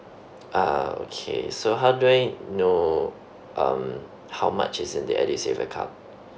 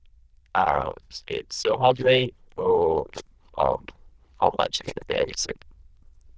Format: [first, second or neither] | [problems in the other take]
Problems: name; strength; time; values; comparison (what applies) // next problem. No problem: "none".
first | noise reduction (neural diffusion model UNIVERSE++)